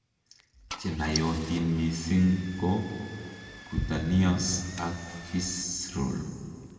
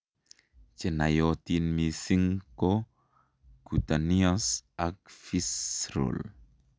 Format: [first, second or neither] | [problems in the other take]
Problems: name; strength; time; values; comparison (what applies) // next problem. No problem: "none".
second | background sound (Engine starting / Car); 16 dB below the speech // room echo; dies away in 2.1 s